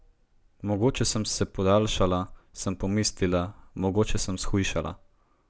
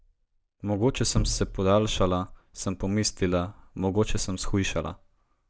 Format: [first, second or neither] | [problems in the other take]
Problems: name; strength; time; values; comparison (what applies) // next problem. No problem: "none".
first | noise reduction (neural mask model DeepFilterNet 3)